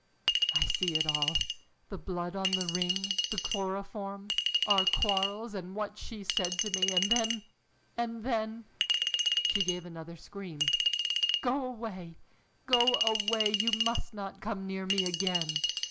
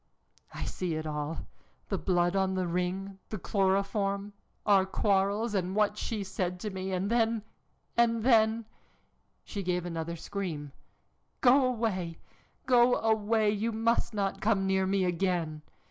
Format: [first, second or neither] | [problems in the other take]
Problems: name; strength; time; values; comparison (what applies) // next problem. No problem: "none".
second | background sound (Chink, clink); 2 dB above the speech